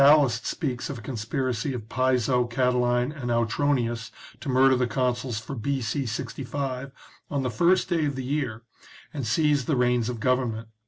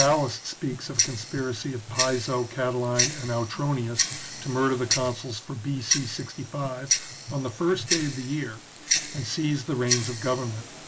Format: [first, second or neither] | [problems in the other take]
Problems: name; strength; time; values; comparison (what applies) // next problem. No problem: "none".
first | background sound (Tick-tock); 3 dB below the speech